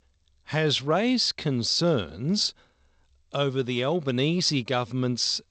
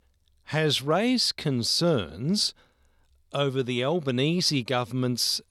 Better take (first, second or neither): second